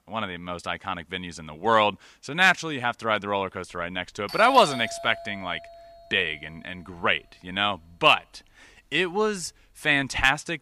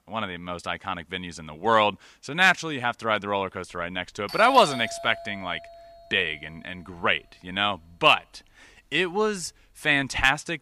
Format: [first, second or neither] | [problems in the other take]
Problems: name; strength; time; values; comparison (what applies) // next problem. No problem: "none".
neither | doorbell; noticeable; from 4.5 s on; peak 8 dB below the speech; the same in both